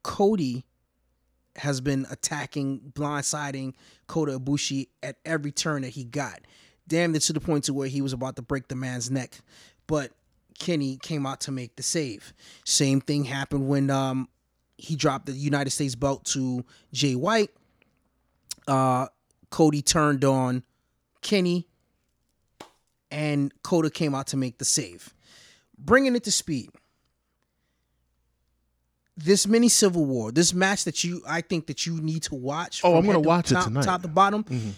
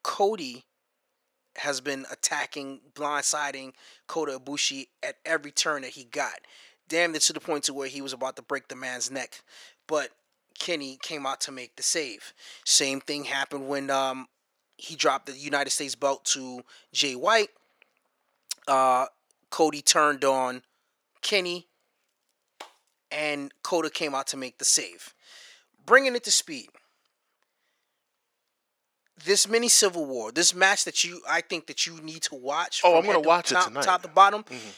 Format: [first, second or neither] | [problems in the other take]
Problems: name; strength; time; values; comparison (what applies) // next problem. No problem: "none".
first | thin; very; fading below 600 Hz